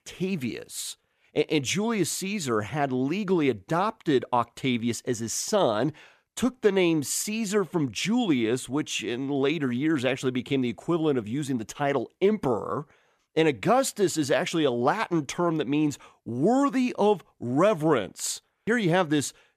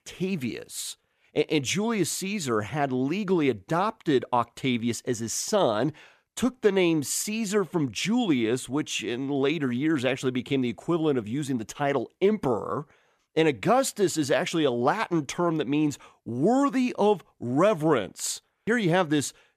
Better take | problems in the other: neither | none

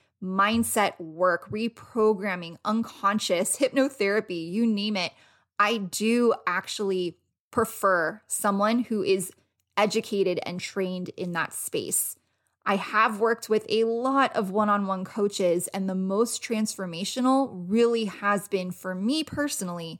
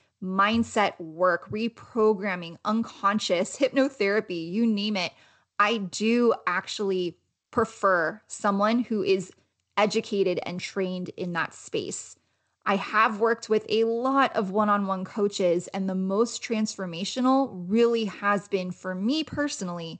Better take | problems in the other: first | garbled, watery; slightly; nothing above 8 kHz

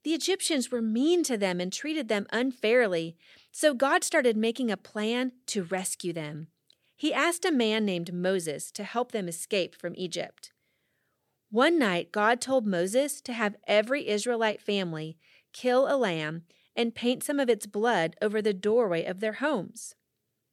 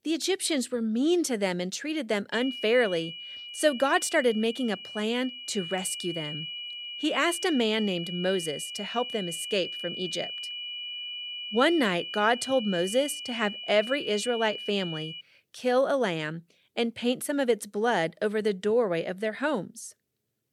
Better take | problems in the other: first | high-pitched whine; loud; from 2.5 to 15 s; 3 kHz, 8 dB below the speech

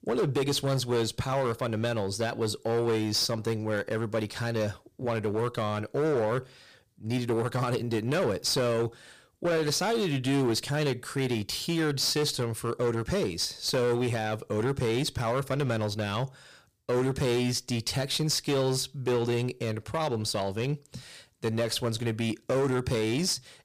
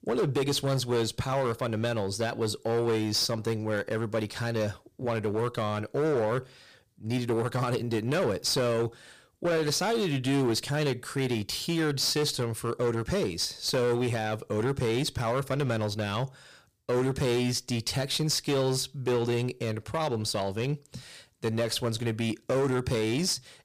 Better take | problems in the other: neither | distortion; slight; 11% of the sound clipped; the same in both

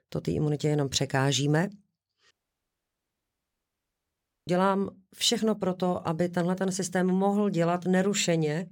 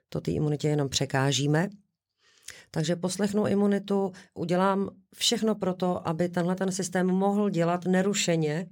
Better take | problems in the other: second | audio cutting out; at 2.5 s for 2 s

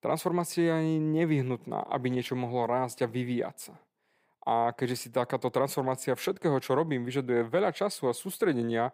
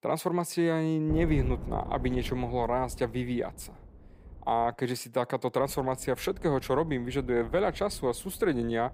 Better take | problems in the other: first | wind noise on the microphone; occasional gusts; from 1 to 4.5 s and from 5.5 s on; 20 dB below the speech

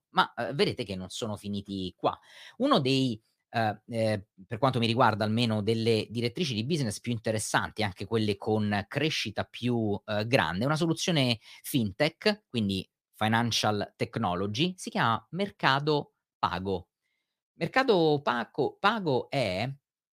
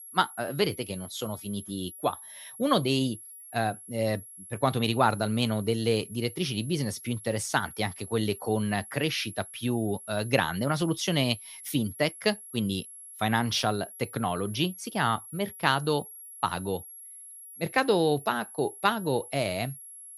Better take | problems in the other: first | high-pitched whine; noticeable; throughout; 11.5 kHz, 15 dB below the speech

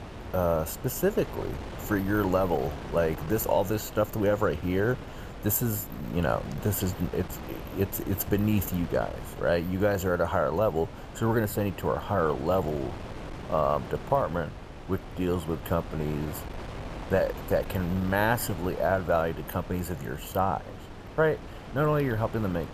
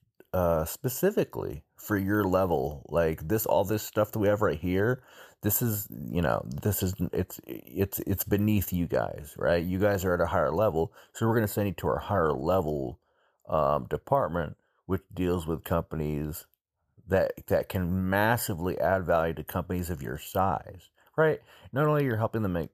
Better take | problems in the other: second | wind noise on the microphone; occasional gusts; 15 dB below the speech

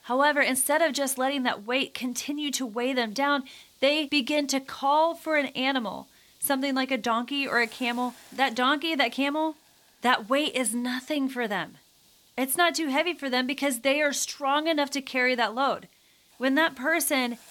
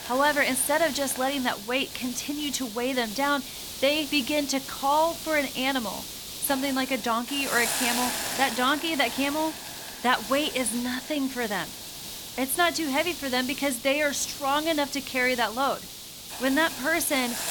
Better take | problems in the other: first | hiss; loud; throughout; 7 dB below the speech; faint in the first

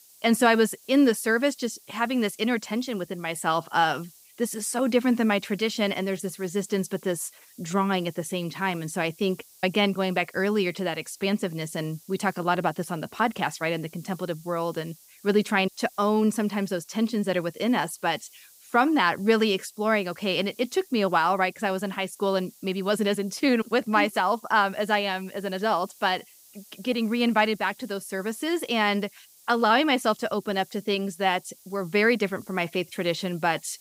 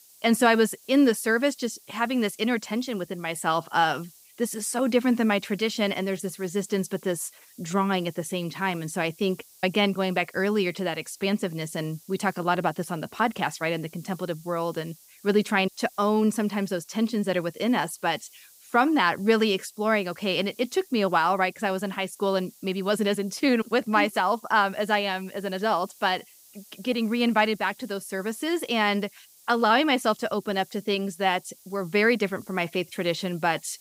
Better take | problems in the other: neither | hiss; faint; throughout; 25 dB below the speech; the same in both

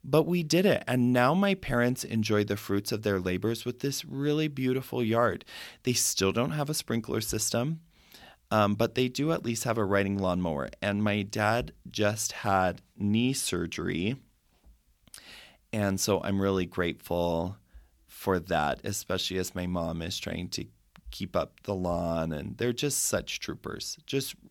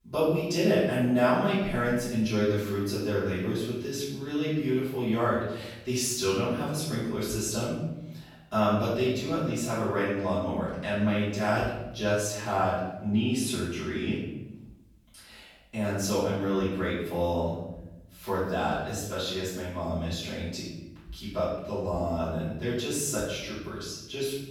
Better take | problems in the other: first | off-mic speech; far // room echo; strong; dies away in 0.9 s

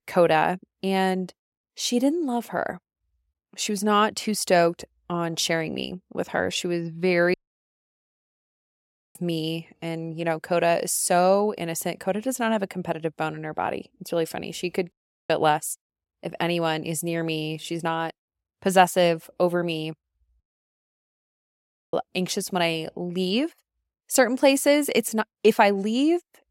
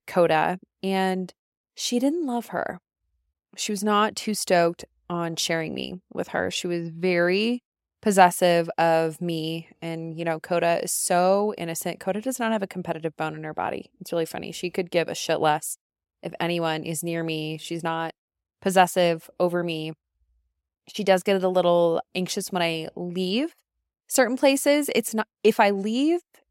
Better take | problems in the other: second | audio cutting out; at 7.5 s for 2 s, at 15 s and at 20 s for 1.5 s

